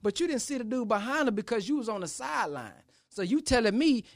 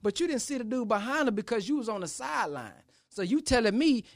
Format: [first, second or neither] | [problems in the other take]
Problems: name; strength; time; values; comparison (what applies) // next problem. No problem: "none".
neither | none